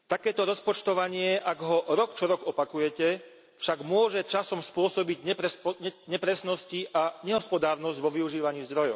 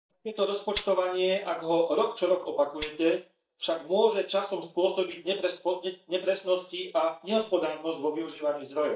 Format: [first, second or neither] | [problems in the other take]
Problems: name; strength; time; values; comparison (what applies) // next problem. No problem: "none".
first | noise reduction (neural mask model DeepFilterNet 3)